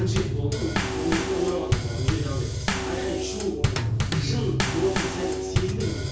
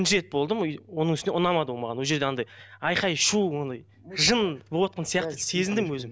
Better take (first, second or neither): second